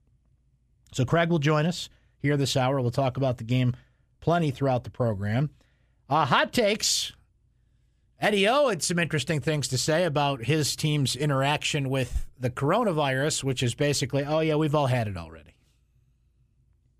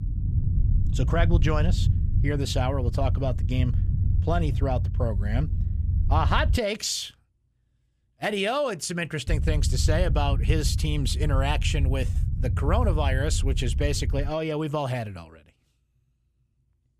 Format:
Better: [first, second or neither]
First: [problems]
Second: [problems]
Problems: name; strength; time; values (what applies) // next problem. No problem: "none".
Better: first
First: none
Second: low rumble; noticeable; until 6.5 s and from 9.5 to 14 s; 15 dB below the speech